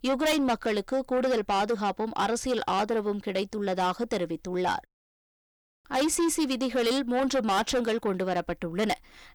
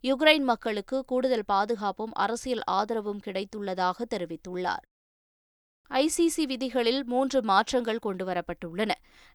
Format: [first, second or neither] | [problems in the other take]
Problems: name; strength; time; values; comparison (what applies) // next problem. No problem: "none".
second | distortion; heavy; 7 dB below the speech